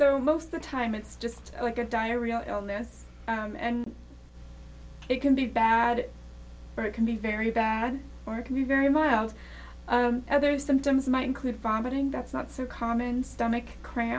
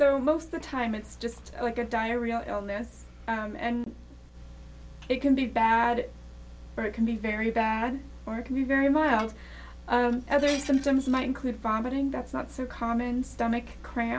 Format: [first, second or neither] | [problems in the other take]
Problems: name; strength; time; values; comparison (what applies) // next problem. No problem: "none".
first | background sound (Dishes, pots, and pans); 18 dB below the speech